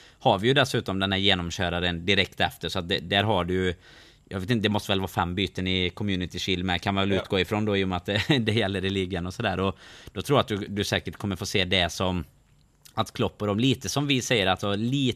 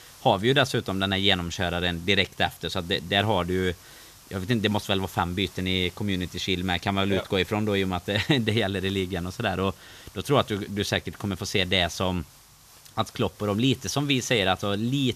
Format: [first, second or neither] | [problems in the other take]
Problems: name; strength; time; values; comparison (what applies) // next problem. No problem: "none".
first | hiss; faint; throughout; 25 dB below the speech